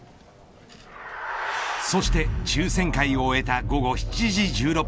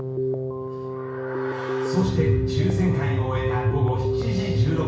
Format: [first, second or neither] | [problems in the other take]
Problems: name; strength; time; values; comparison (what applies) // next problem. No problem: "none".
first | background sound (Keyboard (musical)); 4 dB below the speech // room echo; dies away in 0.6 s